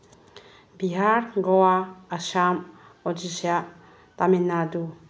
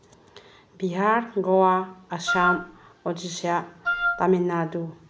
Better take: first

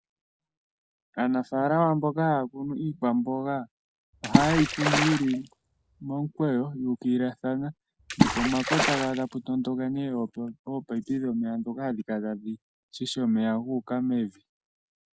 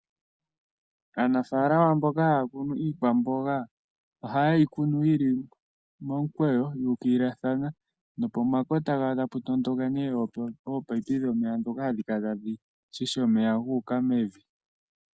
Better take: second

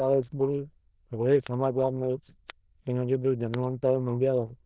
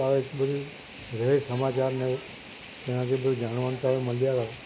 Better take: second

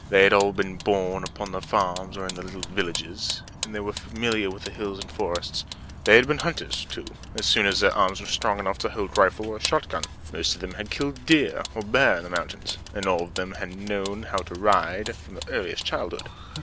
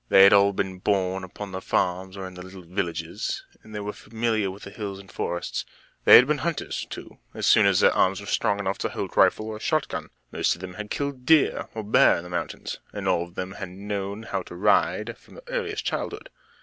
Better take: second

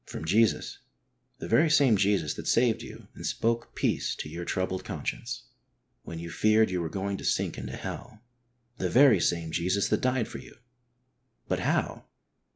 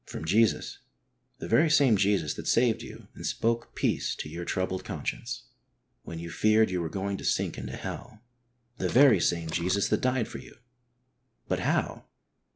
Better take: first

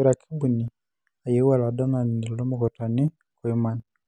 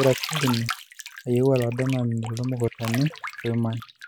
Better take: first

